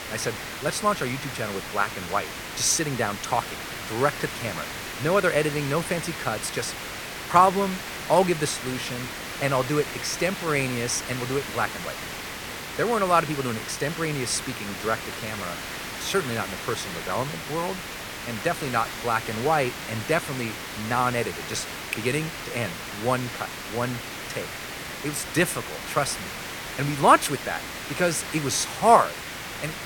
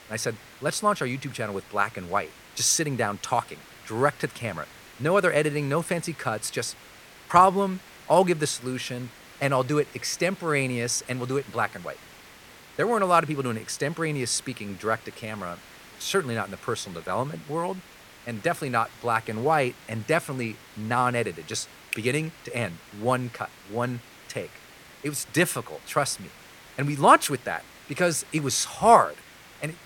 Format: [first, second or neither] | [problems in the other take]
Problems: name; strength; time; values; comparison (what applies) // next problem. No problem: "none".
second | hiss; loud; throughout; 7 dB below the speech; faint in the second